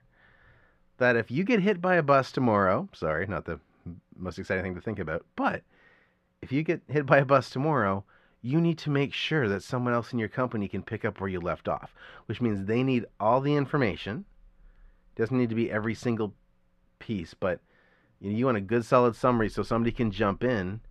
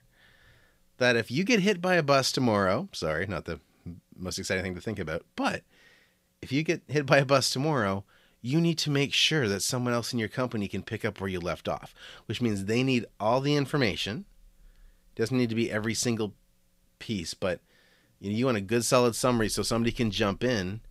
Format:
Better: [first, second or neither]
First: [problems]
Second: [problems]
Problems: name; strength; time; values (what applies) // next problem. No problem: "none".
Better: second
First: muffled; very; fading above 3.5 kHz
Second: none